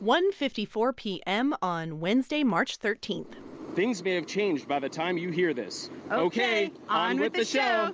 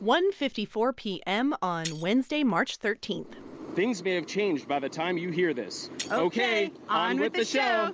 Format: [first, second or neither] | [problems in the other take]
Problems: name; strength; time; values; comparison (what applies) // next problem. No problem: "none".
first | background sound (Shatter); 19 dB below the speech